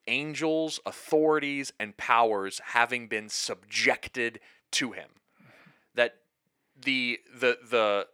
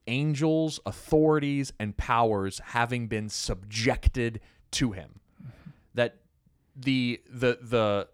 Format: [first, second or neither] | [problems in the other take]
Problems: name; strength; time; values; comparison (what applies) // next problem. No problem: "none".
second | thin; somewhat; fading below 400 Hz